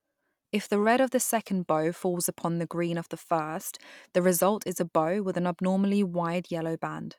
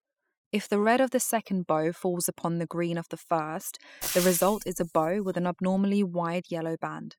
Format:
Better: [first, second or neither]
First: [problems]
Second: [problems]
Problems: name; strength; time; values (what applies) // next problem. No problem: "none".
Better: first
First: none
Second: noise reduction (classical method spectral subtraction)